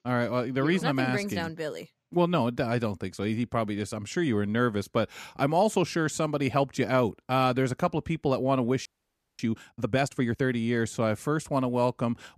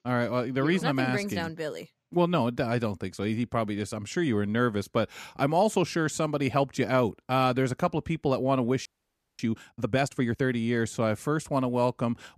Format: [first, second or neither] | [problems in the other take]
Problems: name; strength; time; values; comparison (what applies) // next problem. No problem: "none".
neither | audio freezing; at 9 s for 0.5 s; the same in both